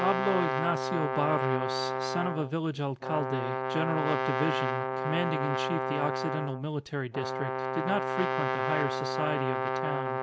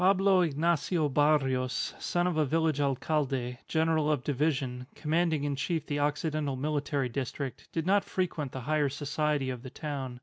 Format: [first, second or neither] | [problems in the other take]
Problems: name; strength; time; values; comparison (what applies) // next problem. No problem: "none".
second | background sound (Brass instrument); 1 dB above the speech